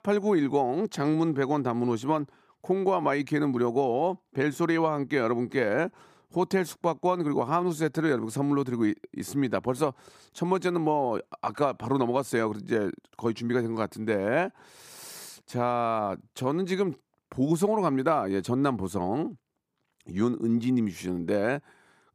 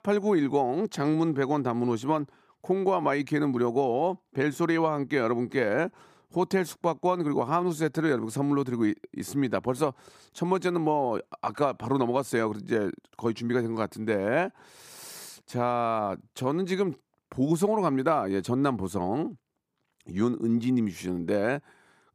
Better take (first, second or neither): neither